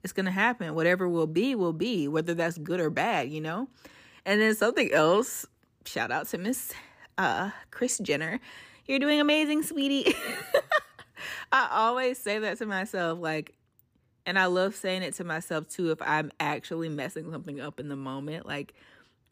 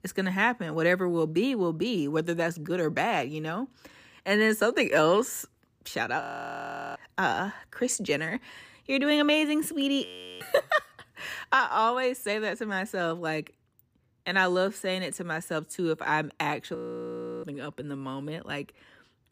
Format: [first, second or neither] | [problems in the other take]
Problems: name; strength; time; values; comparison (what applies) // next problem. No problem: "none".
first | audio freezing; at 6 s for 0.5 s, at 10 s and at 17 s for 0.5 s